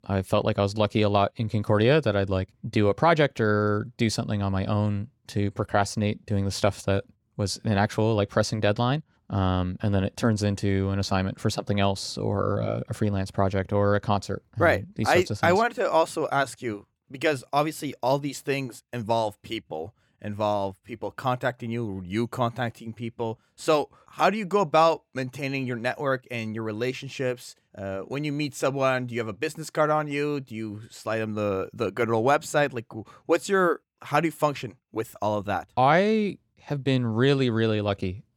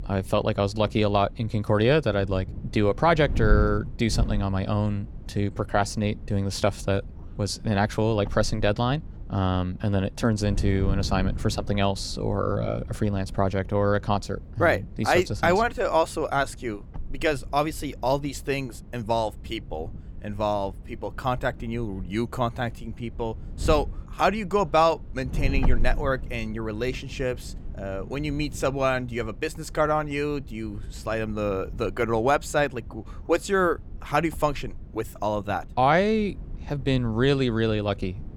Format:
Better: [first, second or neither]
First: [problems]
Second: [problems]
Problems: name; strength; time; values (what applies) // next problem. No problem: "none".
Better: first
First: none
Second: wind noise on the microphone; occasional gusts; 25 dB below the speech